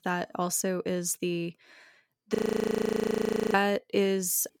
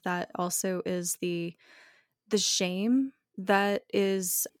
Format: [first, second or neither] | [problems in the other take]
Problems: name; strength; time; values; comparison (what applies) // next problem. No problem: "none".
second | audio freezing; at 2.5 s for 1 s